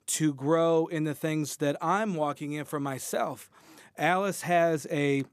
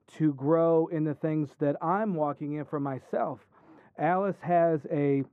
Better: first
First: none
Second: muffled; very; fading above 3 kHz

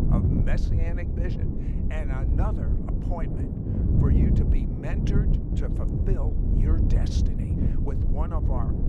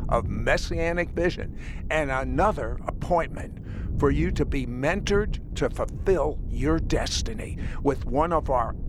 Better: second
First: wind noise on the microphone; heavy; 2 dB above the speech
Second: wind noise on the microphone; occasional gusts; 20 dB below the speech

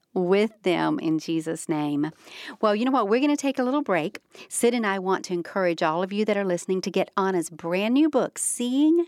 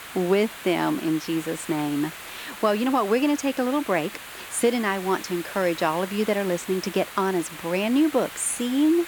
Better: first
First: none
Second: hiss; noticeable; throughout; 10 dB below the speech

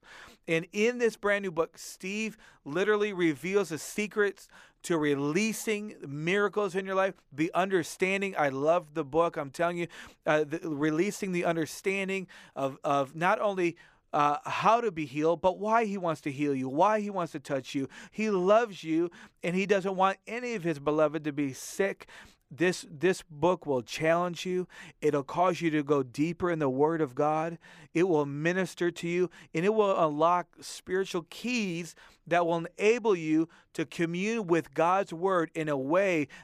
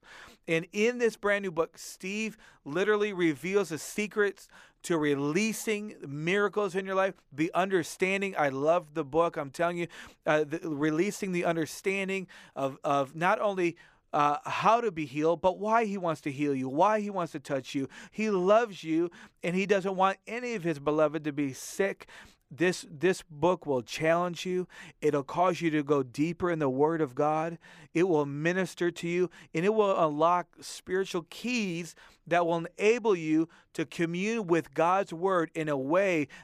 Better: neither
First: none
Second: none

